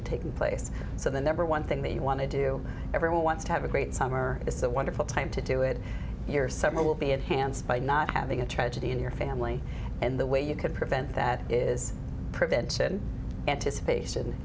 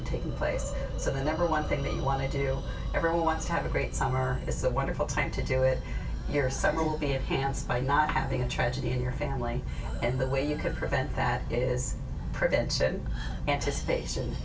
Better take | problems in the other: first | background sound (Hiss); 18 dB below the speech // room echo; dies away in 0.1 s

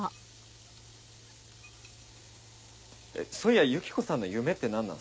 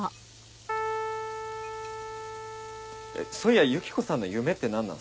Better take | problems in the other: first | background sound (Keyboard (musical)); 6 dB below the speech

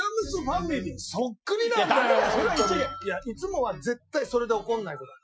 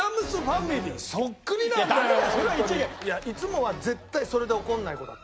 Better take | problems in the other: second | noise reduction (classical method Wiener filter)

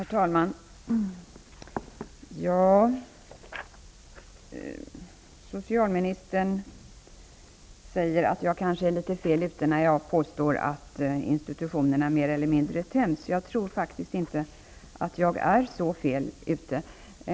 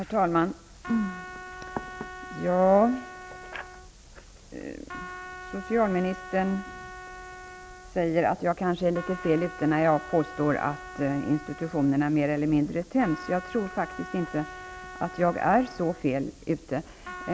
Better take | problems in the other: first | background sound (Trumpet); 15 dB below the speech

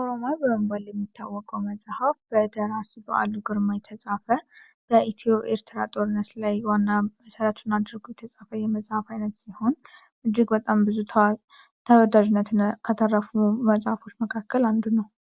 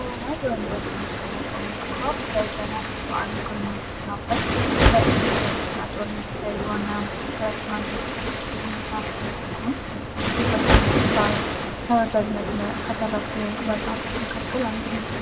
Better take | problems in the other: first | background sound (Waves, surf); 4 dB above the speech // room echo; dies away in 1 s

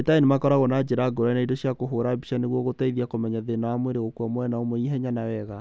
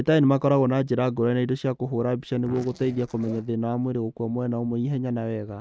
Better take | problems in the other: first | noise reduction (neural mask model RNNoise)

